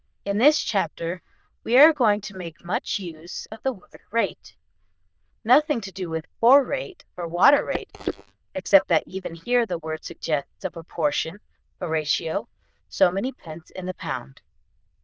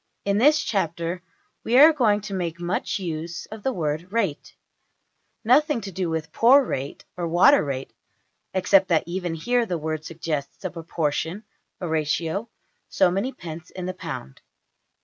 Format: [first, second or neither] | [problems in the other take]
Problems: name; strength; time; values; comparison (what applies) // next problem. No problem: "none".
second | noise reduction (neural diffusion model UNIVERSE++)